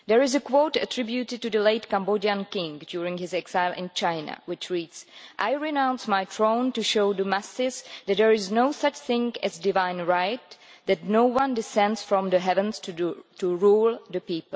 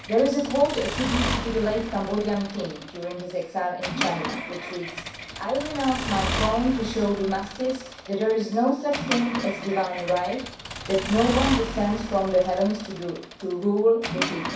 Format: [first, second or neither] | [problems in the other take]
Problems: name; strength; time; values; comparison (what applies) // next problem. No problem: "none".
first | background sound (Accelerating, revving, vroom / Mechanisms); 7 dB below the speech // room echo; dies away in 0.6 s